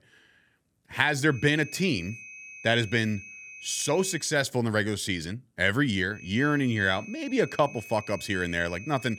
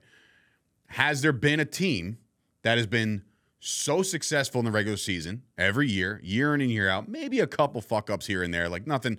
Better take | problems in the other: second | high-pitched whine; noticeable; from 1.5 to 4 s and from 6 s on; 2.5 kHz, 15 dB below the speech

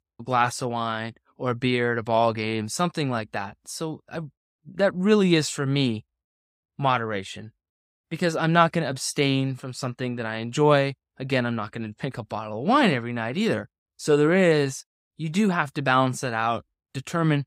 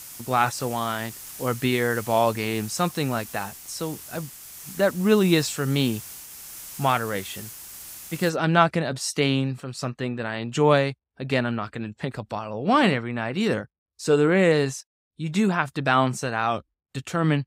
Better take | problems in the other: first | hiss; noticeable; until 8.5 s; 15 dB below the speech

